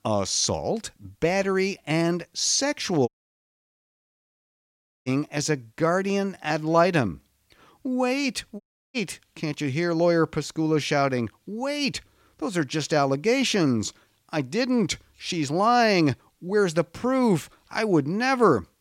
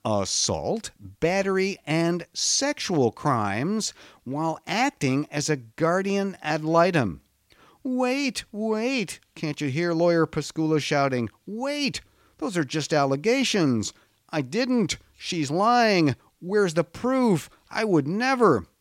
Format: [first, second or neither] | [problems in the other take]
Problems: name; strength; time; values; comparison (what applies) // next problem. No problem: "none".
second | audio cutting out; at 3 s for 2 s and at 8.5 s